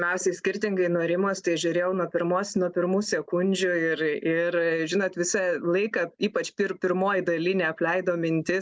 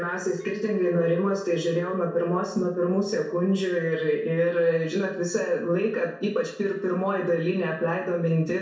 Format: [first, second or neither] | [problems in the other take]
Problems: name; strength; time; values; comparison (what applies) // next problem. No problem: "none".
first | noise reduction (neural separator model SepFormer DNS4)